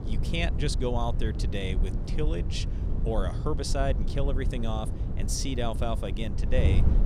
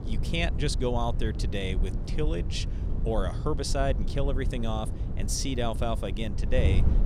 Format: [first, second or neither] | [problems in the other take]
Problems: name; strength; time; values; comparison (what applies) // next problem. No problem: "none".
second | wind noise on the microphone; heavy; 9 dB below the speech; occasional gusts in the second